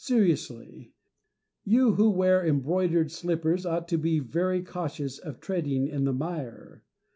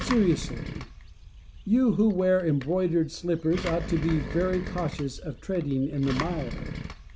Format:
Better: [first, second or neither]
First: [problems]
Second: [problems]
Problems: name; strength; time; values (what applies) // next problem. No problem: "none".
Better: first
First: none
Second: background sound (Engine); 9 dB below the speech